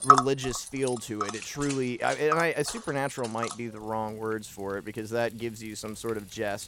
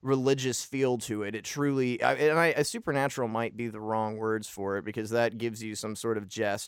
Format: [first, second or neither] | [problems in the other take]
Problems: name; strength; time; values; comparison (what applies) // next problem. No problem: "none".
second | household noises; loud; throughout; 1 dB below the speech